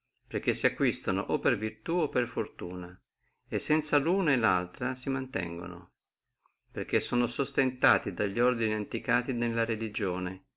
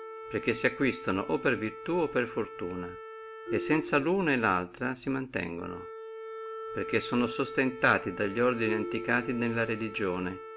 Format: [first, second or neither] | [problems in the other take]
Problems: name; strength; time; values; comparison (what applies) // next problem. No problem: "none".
first | background sound (Marimba, xylophone + Wind instrument, woodwind instrument); 10 dB below the speech